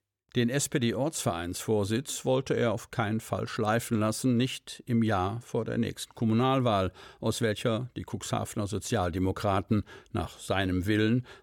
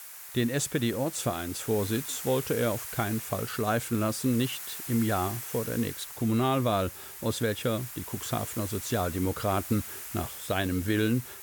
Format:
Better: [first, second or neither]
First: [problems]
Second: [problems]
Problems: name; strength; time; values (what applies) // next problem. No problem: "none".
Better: first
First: none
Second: hiss; loud; throughout; 8 dB below the speech